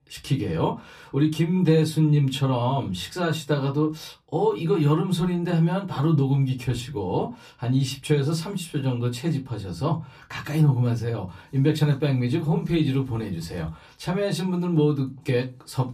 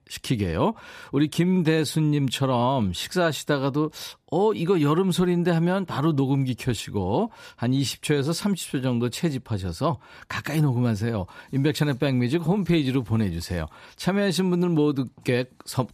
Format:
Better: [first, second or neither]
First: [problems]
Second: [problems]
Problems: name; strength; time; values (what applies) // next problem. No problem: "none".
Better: second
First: off-mic speech; somewhat distant // room echo; very slight; dies away in 0.2 s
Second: none